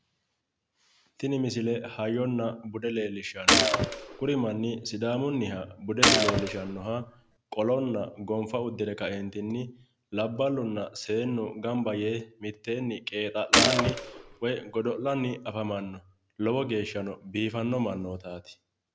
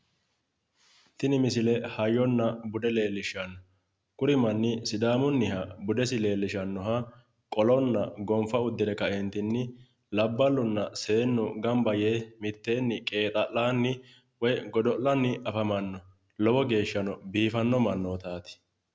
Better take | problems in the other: second | background sound (Gunshot, gunfire); 5 dB above the speech

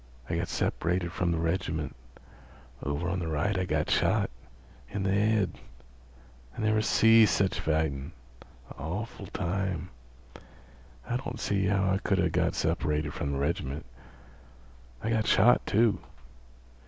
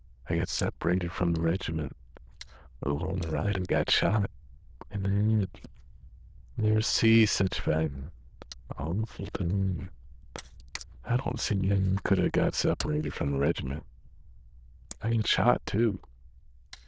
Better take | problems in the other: first | noise reduction (neural diffusion model UNIVERSE++)

